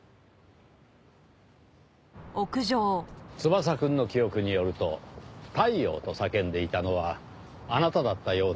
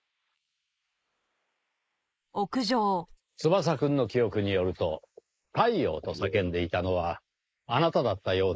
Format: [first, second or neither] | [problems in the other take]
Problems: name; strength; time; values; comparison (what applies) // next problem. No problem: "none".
first | noise reduction (neural mask model Resemble Enhance denoiser)